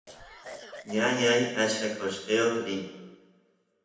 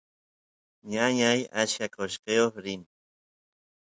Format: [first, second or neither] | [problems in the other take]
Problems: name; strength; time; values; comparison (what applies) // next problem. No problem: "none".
second | background sound (Cough); 18 dB below the speech // room echo; dies away in 0.9 s